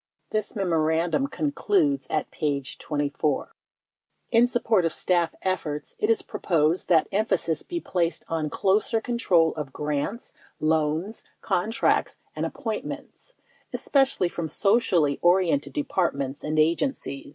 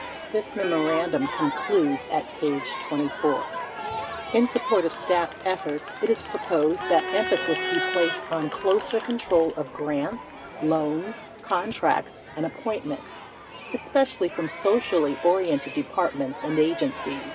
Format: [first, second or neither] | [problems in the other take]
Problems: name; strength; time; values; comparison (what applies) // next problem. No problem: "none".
first | background sound (Crowd); 8 dB below the speech